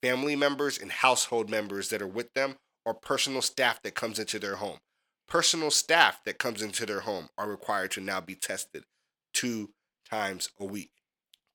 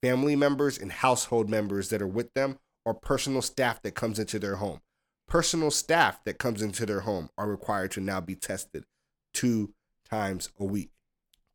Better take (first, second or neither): second